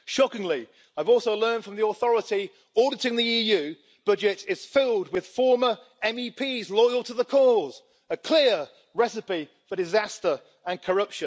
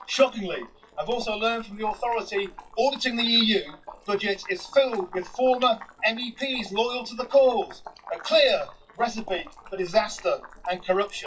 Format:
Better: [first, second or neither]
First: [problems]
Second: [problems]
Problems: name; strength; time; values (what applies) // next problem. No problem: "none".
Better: first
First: none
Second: noise reduction (classical method WPE with log-MMSE)